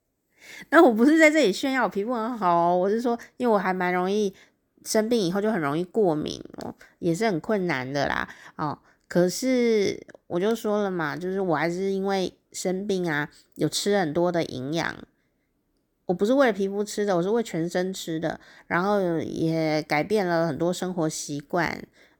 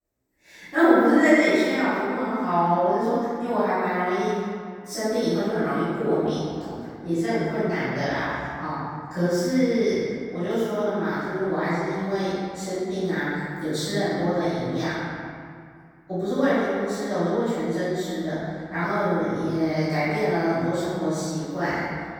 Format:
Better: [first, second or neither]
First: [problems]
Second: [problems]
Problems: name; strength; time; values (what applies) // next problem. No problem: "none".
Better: first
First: none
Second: off-mic speech; far // room echo; strong; dies away in 2.1 s